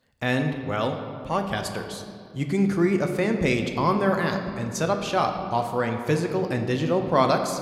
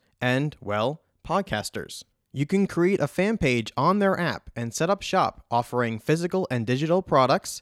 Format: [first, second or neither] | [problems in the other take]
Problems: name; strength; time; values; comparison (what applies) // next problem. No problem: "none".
second | room echo; slight; dies away in 1.7 s